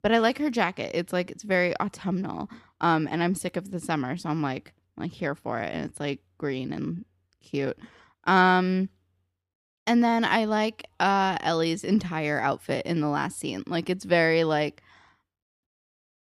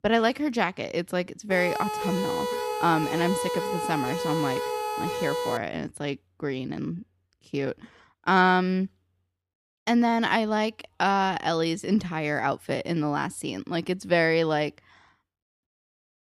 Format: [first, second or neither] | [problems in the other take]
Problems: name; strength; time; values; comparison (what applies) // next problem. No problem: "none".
first | siren; noticeable; from 1.5 to 5.5 s; peak 2 dB below the speech